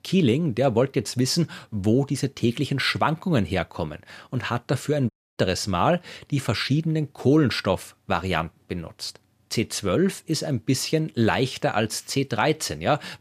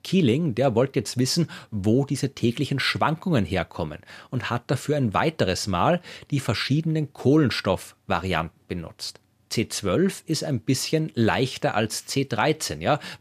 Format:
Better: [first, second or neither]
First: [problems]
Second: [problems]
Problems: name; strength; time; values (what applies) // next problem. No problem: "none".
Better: second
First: audio cutting out; at 5 s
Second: none